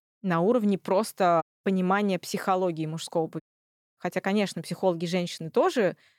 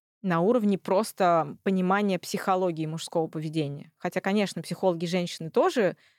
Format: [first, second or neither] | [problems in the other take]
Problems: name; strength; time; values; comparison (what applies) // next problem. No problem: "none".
second | audio cutting out; at 1.5 s and at 3.5 s for 0.5 s